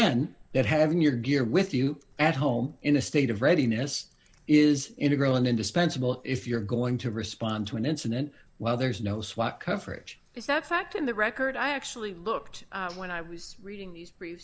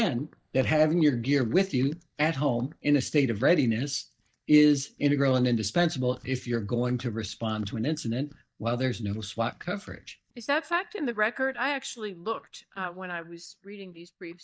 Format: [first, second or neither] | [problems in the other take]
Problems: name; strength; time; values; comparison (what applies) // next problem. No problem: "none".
first | noise reduction (neural mask model DeepFilterNet 3)